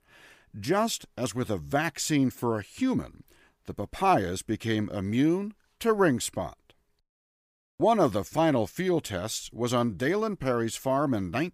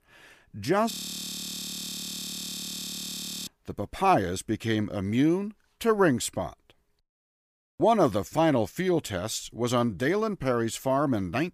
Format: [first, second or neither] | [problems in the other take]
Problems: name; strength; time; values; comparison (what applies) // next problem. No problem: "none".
first | audio freezing; at 1 s for 2.5 s